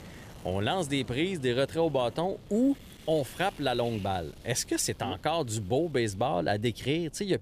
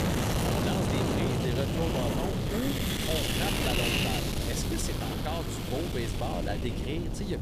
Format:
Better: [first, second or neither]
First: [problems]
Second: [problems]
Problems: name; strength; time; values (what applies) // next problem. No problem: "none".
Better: first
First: wind noise on the microphone; occasional gusts; 20 dB below the speech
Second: wind noise on the microphone; heavy; 4 dB above the speech